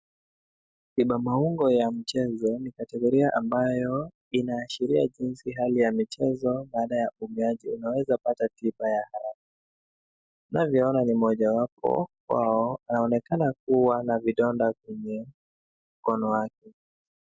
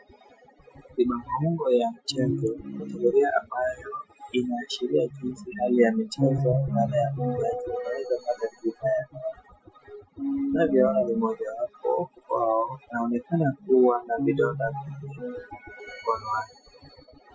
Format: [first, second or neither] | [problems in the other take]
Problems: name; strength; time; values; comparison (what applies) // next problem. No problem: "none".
first | noise reduction (classical method Wiener filter)